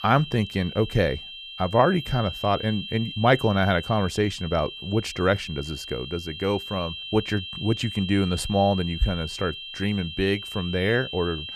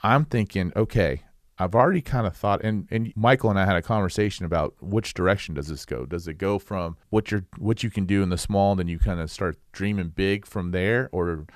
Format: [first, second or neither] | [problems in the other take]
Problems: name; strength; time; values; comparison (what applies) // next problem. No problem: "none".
second | high-pitched whine; loud; throughout; 3 kHz, 9 dB below the speech